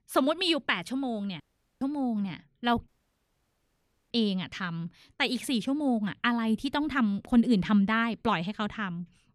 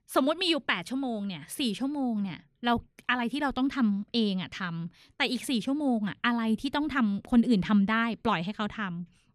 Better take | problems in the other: second | audio cutting out; at 1.5 s and at 3 s for 1 s

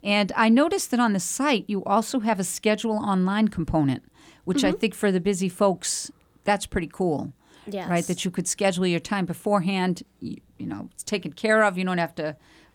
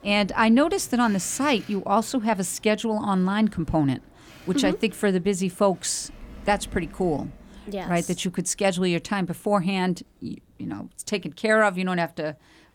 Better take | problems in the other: first | train or aircraft noise; faint; throughout; 25 dB below the speech

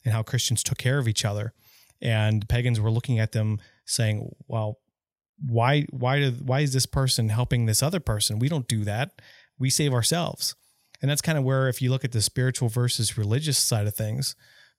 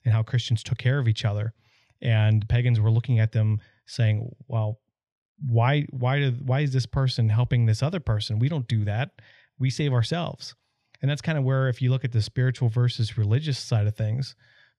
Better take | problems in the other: first | muffled; slightly; fading above 3 kHz

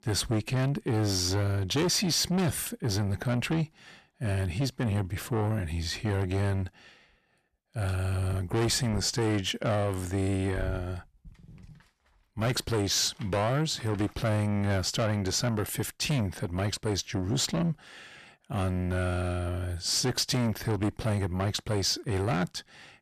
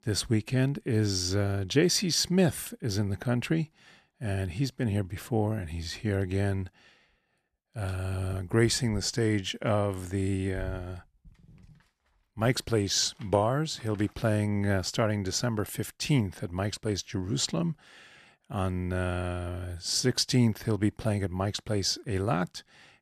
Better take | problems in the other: second | distortion; heavy; 7 dB below the speech

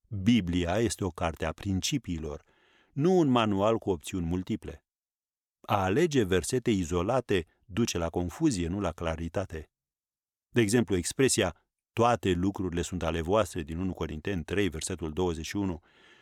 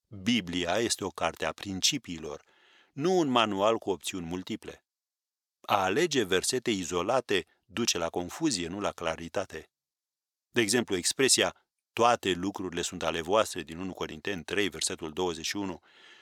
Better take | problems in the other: first | thin; very slightly; fading below 1 kHz

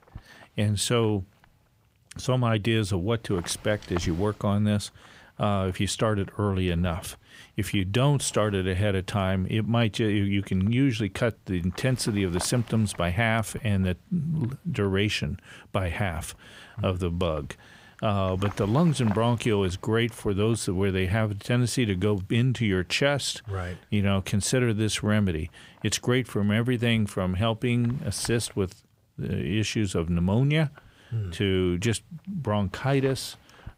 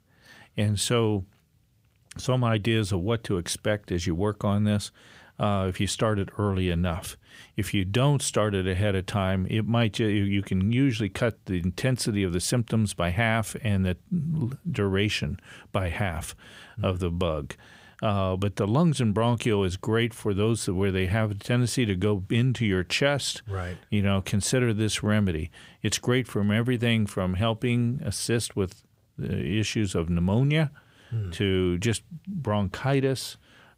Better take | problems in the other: second | wind noise on the microphone; occasional gusts; 20 dB below the speech

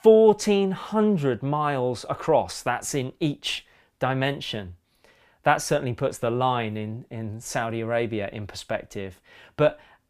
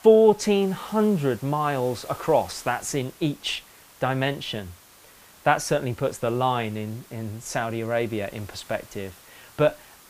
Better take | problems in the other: first | hiss; faint; throughout; 20 dB below the speech

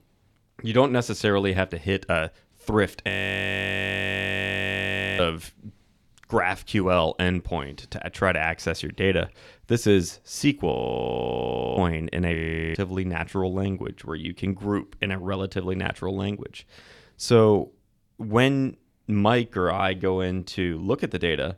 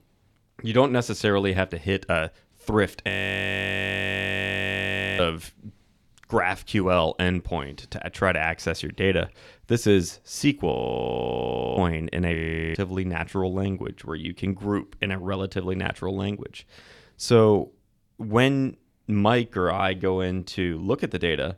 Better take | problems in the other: neither | audio freezing; at 3 s for 2 s, at 11 s for 1 s and at 12 s; the same in both

